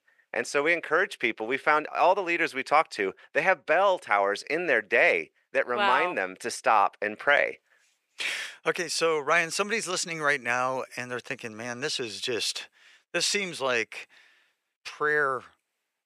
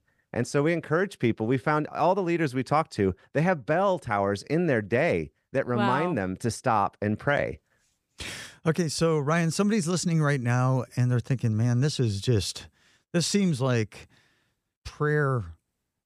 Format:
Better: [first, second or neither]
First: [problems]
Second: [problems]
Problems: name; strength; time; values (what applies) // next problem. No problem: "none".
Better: second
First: thin; very; fading below 550 Hz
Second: none